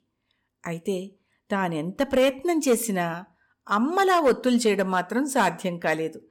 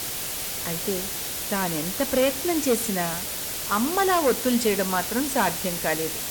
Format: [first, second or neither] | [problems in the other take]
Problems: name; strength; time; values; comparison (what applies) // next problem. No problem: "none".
first | hiss; loud; throughout; 2 dB below the speech